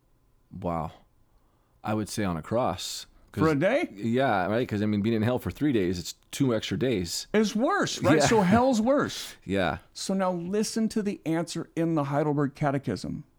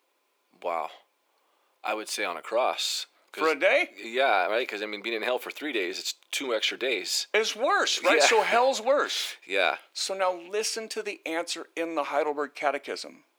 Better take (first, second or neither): first